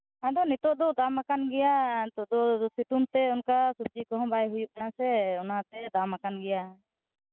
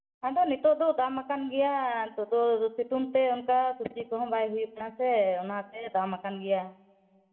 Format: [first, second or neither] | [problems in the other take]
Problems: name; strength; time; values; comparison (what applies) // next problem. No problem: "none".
first | room echo; dies away in 1.1 s